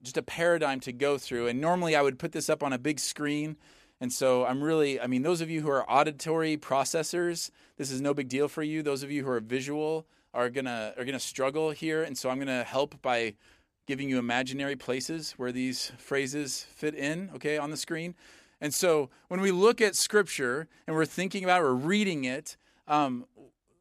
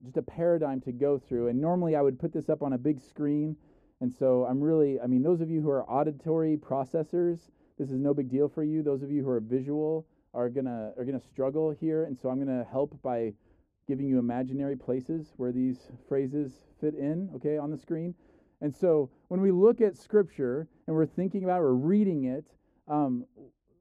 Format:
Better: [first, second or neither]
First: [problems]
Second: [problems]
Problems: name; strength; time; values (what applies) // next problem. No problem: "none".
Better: first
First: none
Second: muffled; very; fading above 1.5 kHz